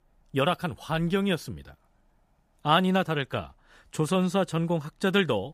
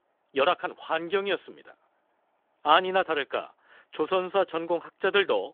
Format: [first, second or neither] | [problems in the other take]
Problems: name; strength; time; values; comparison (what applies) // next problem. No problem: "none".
first | phone-call audio; nothing above 3.5 kHz